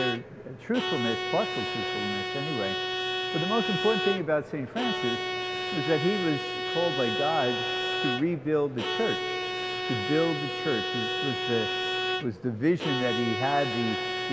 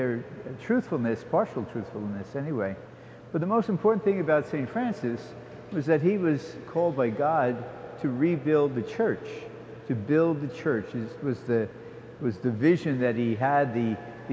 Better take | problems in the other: second | background sound (Bowed string instrument); 1 dB below the speech

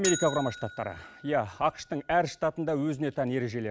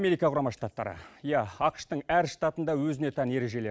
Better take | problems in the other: second | background sound (Bell); 12 dB below the speech

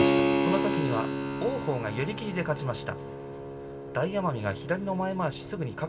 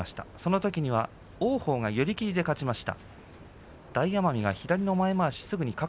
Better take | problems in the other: second | background sound (Keyboard (musical)); 1 dB above the speech // room echo; dies away in 2.8 s

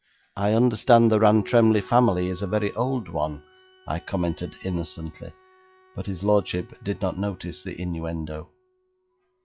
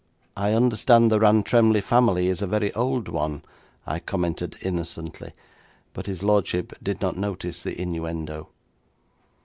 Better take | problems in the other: second | noise reduction (classical method log-MMSE)

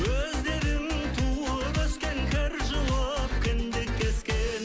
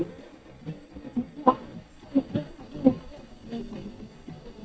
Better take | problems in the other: first | noise reduction (neural mask model DeepFilterNet 3)

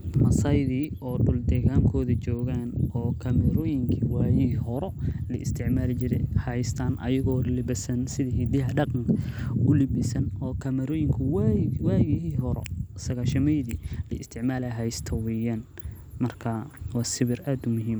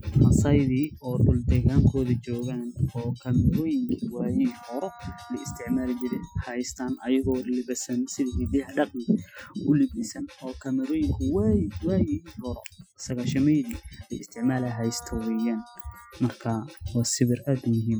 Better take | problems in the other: first | noise reduction (classical method Wiener filter)

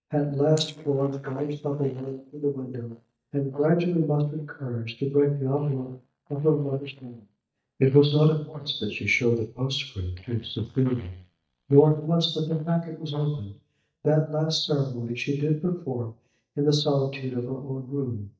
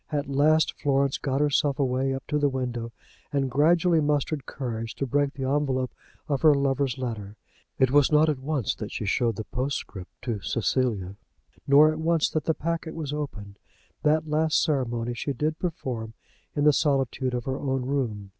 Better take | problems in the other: second | noise reduction (neural mask model DeepFilterNet 3)

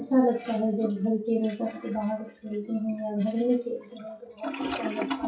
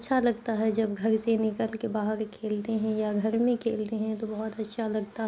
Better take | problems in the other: second | noise reduction (classical method WPE with log-MMSE)

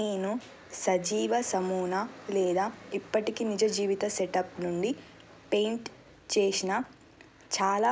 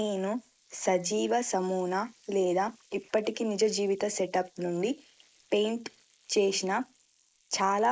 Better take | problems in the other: first | noise reduction (neural mask model Resemble Enhance denoiser)

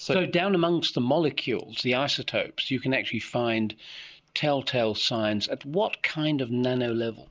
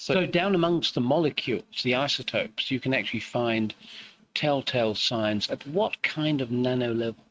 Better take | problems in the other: first | noise reduction (neural mask model RNNoise)

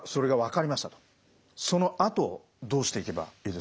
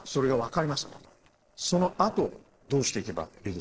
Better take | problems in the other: first | noise reduction (neural separator model SepFormer DNS4)

